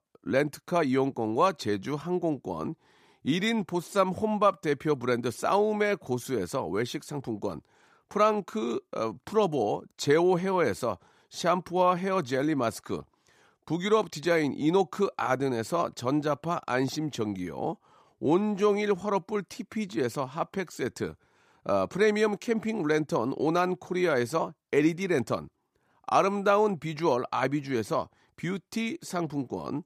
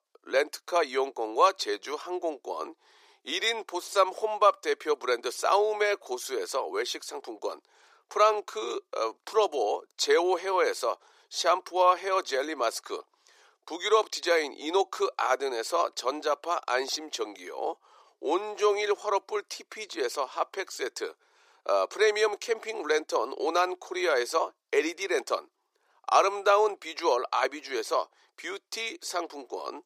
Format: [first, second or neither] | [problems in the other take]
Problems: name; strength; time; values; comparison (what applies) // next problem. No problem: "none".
first | thin; very; fading below 400 Hz